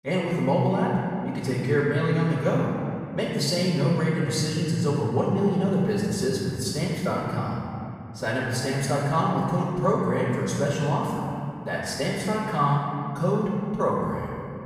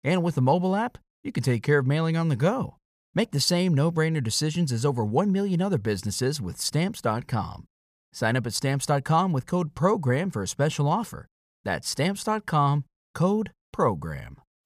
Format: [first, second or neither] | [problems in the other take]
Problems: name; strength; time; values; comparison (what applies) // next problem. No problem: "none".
second | off-mic speech; far // room echo; strong; dies away in 2.4 s